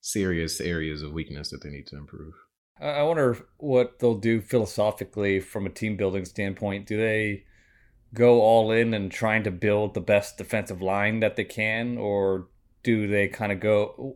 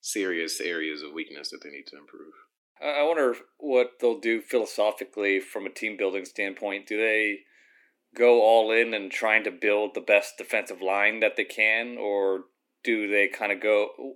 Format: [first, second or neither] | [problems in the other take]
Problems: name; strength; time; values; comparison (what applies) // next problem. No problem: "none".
first | thin; somewhat; fading below 300 Hz